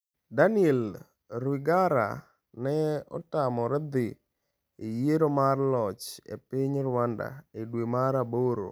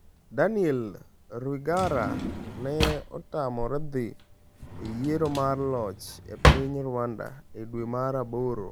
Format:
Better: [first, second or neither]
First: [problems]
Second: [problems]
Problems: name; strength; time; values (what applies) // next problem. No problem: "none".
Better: first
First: none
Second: background sound (Drawer open or close); 1 dB below the speech